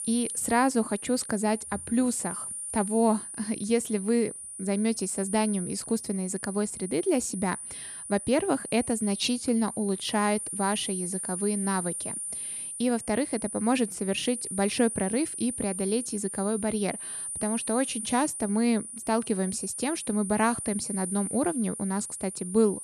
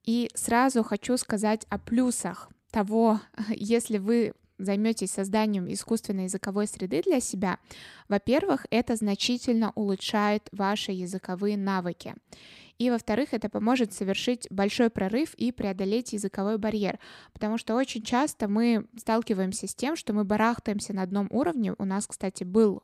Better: second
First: high-pitched whine; loud; throughout; 9.5 kHz, 6 dB below the speech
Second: none

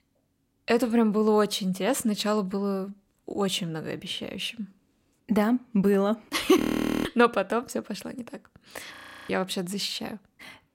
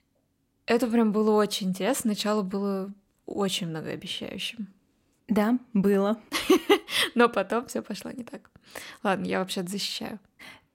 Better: second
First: audio freezing; at 6.5 s and at 9 s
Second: none

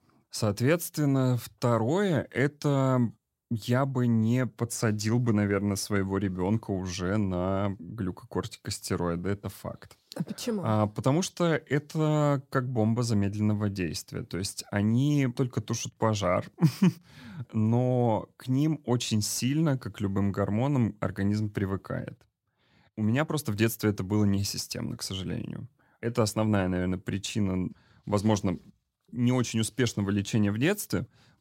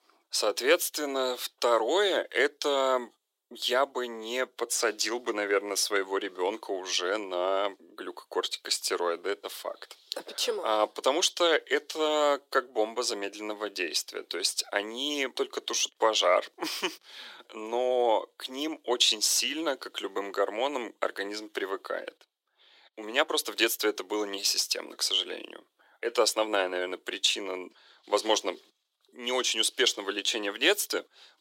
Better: first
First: none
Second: thin; very; fading below 350 Hz

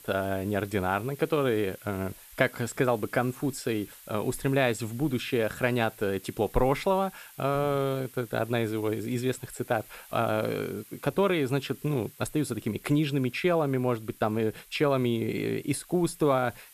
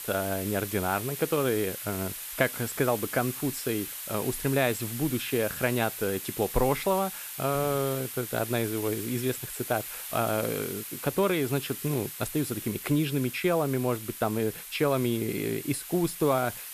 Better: first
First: hiss; faint; throughout; 20 dB below the speech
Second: hiss; loud; throughout; 7 dB below the speech

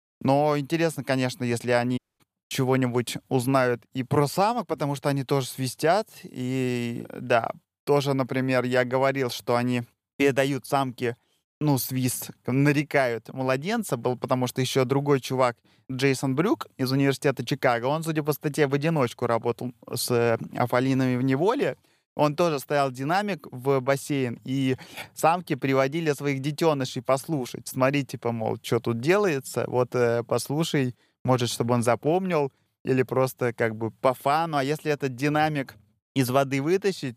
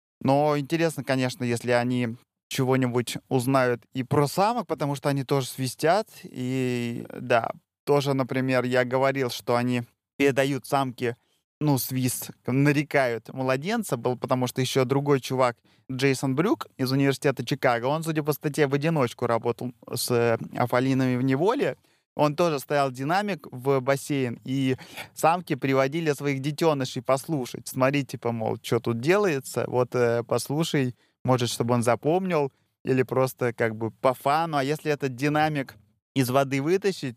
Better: second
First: audio cutting out; at 2 s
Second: none

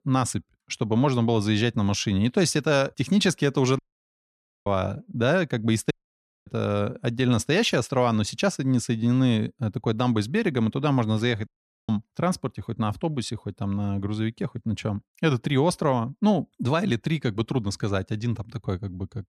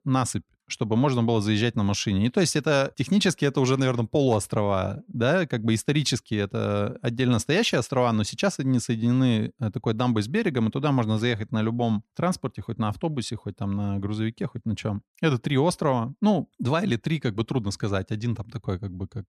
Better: second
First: audio cutting out; at 4 s for 1 s, at 6 s for 0.5 s and at 11 s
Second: none

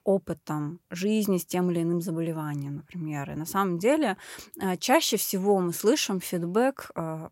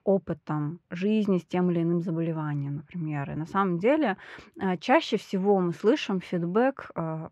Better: first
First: none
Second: muffled; slightly; fading above 2.5 kHz

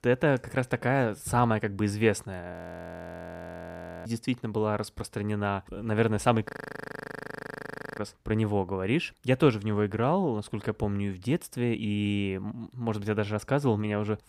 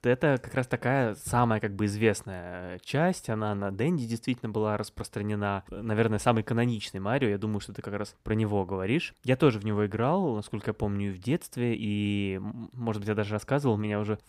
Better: second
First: audio freezing; at 2.5 s for 1.5 s and at 6.5 s for 1.5 s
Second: none

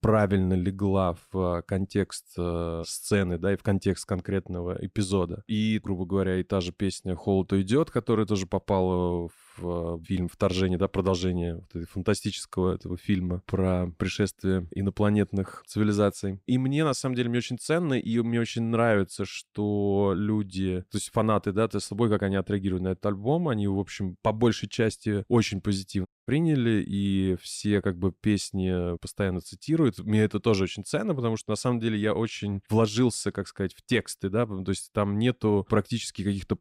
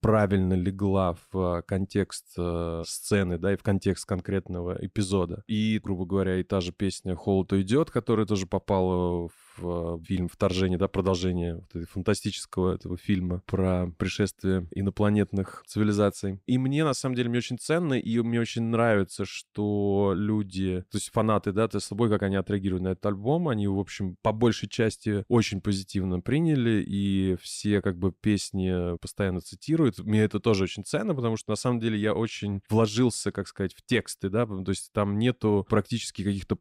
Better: second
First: audio cutting out; at 26 s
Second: none

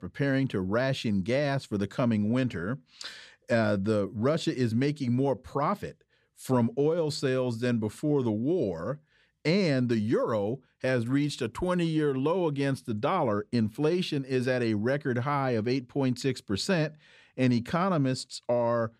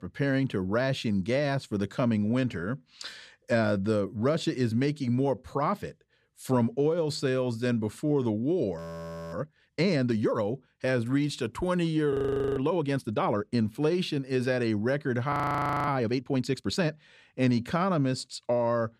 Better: first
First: none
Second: audio freezing; at 9 s for 0.5 s, at 12 s and at 15 s for 0.5 s

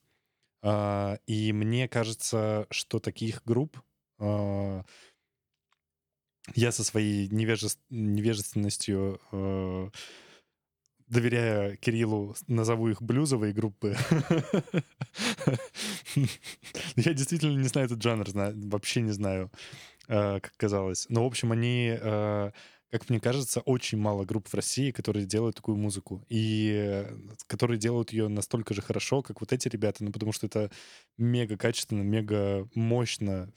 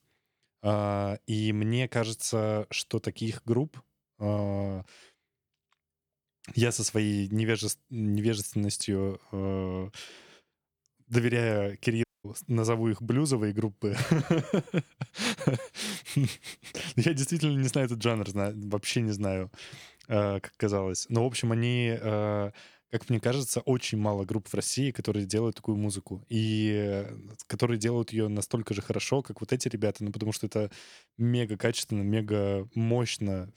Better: first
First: none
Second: audio cutting out; at 12 s

